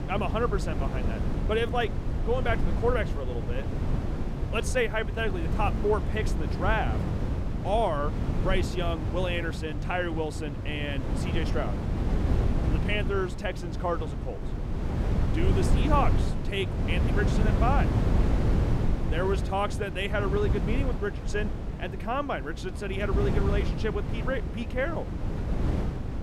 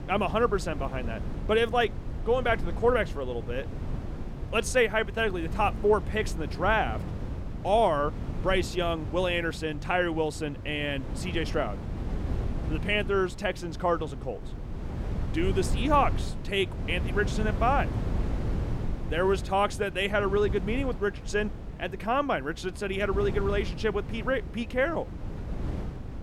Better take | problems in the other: second | wind noise on the microphone; heavy; 7 dB below the speech; occasional gusts in the second

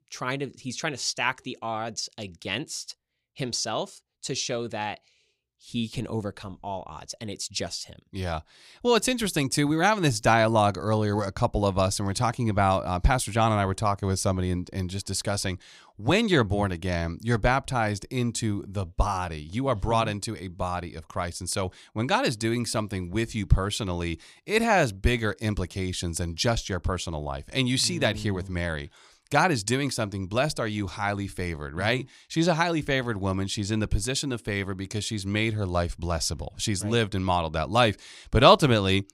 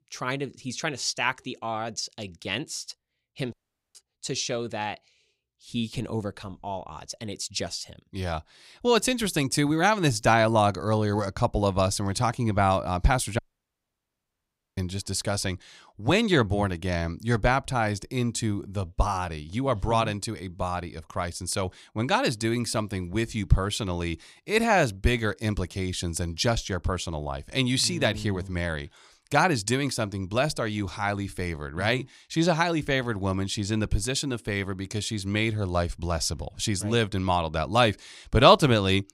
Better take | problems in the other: first | audio cutting out; at 3.5 s and at 13 s for 1.5 s

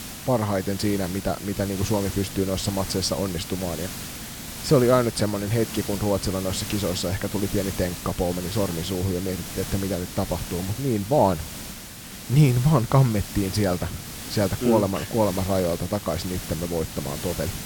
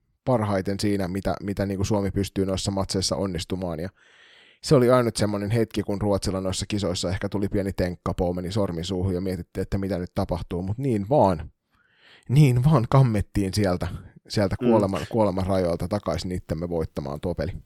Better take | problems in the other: second | hiss; loud; throughout; 9 dB below the speech

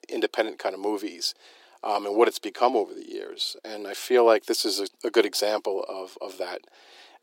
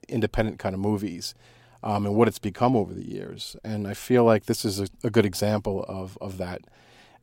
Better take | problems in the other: second | thin; very; fading below 350 Hz

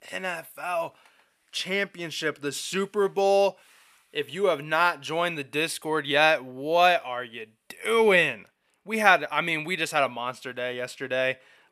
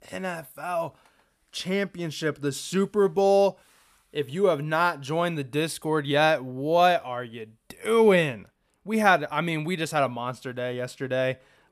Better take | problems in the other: second | thin; very slightly; fading below 450 Hz

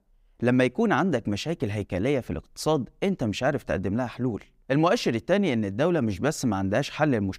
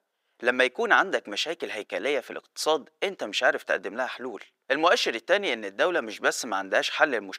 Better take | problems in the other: first | thin; very; fading below 450 Hz

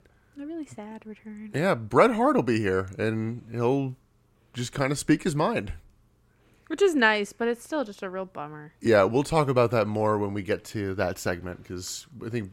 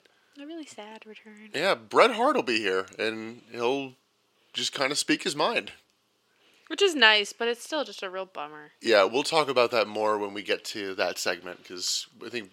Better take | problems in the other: first | thin; somewhat; fading below 350 Hz

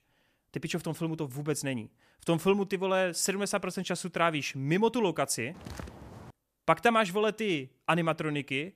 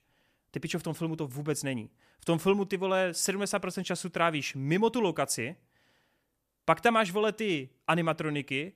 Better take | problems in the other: second | footsteps; faint; at 5.5 s; peak 15 dB below the speech

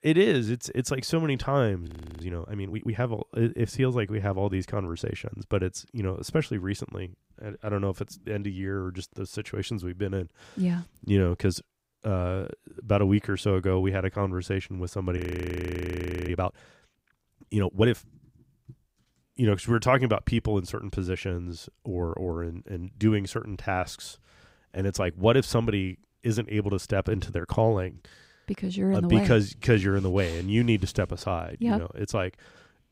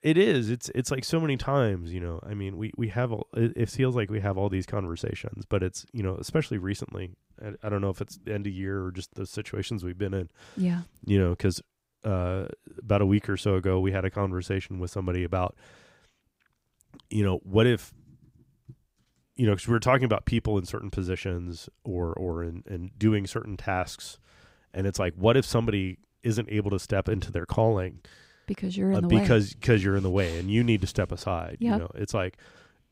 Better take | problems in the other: second | audio freezing; at 2 s and at 15 s for 1 s

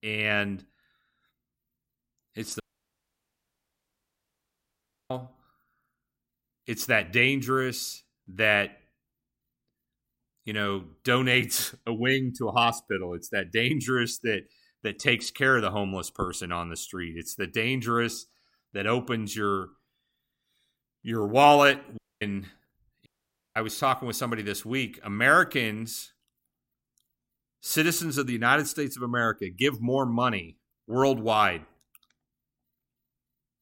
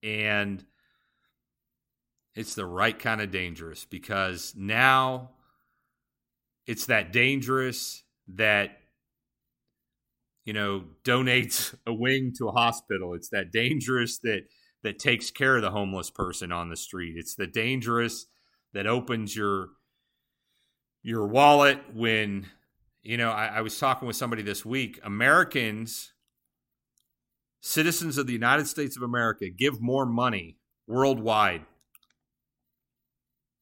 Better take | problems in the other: second | audio cutting out; at 2.5 s for 2.5 s, at 22 s and at 23 s

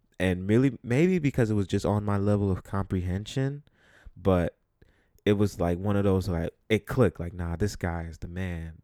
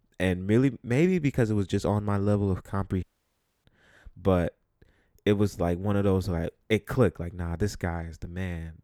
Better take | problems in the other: first | audio cutting out; at 3 s for 0.5 s

